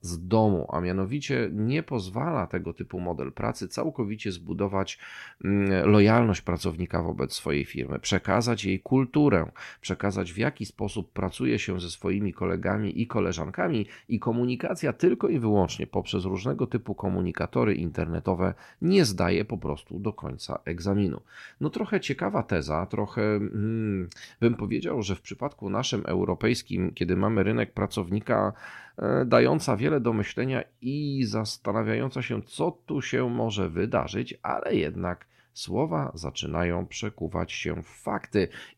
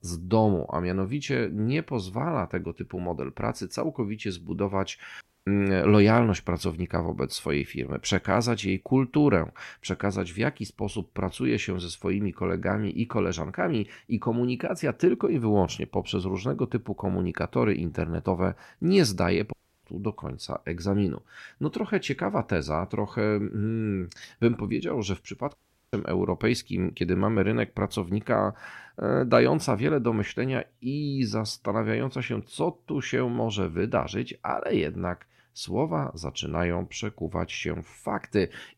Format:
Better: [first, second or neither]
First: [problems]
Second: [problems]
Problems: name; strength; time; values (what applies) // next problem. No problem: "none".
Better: first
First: none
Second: audio cutting out; at 5 s, at 20 s and at 26 s